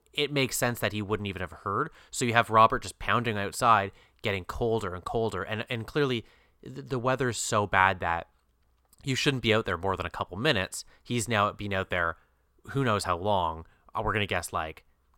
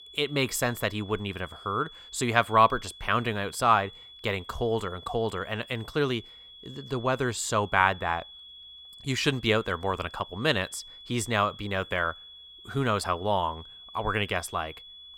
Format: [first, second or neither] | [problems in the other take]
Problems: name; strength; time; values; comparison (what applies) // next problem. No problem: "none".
first | high-pitched whine; noticeable; throughout; 3.5 kHz, 20 dB below the speech